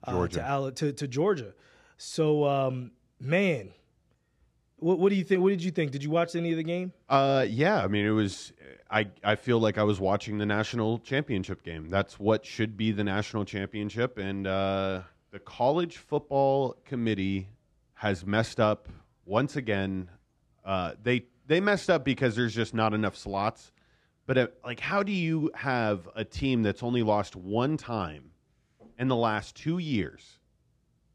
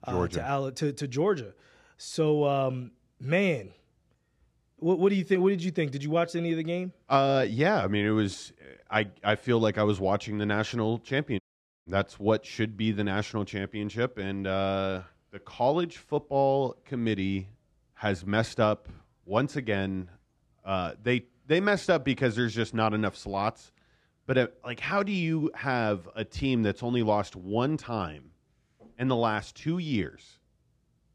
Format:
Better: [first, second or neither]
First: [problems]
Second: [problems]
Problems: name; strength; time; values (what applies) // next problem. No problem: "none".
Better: first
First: none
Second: audio cutting out; at 11 s